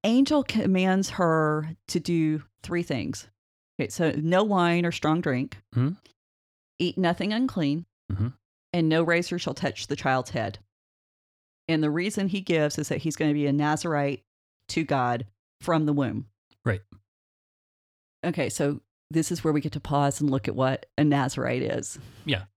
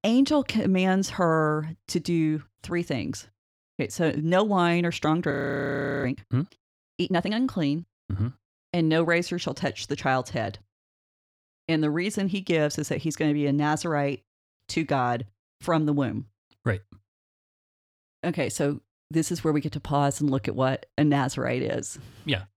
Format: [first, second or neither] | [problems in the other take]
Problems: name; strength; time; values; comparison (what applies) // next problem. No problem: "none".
first | audio freezing; at 5.5 s for 0.5 s